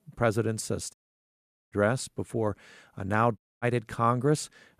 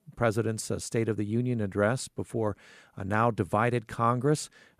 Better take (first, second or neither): second